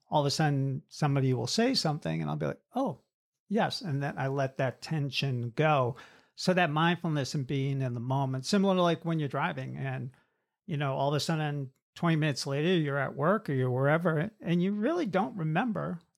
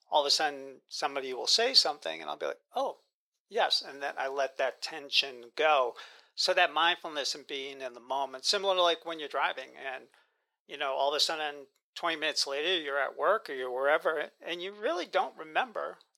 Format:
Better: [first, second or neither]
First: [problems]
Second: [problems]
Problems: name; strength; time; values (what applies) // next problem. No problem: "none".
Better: first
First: none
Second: thin; very; fading below 450 Hz